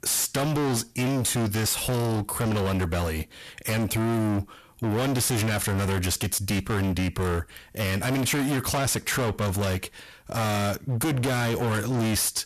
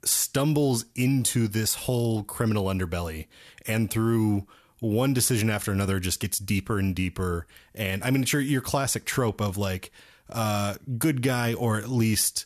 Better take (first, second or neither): second